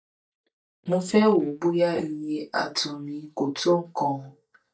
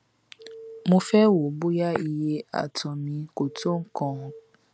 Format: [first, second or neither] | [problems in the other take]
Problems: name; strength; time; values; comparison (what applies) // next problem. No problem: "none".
second | noise reduction (neural mask model DeepFilterNet 3)